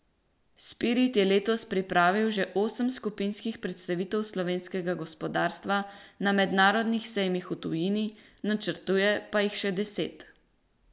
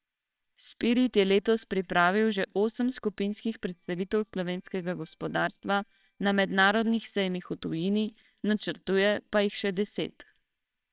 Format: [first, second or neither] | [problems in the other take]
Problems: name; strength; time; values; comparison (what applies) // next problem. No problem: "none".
first | noise reduction (neural separator model SepFormer WHAMR!)